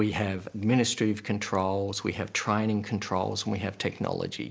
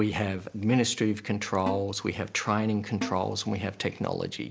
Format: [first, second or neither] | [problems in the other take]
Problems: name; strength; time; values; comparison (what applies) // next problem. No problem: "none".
first | background sound (Snare drum); 12 dB below the speech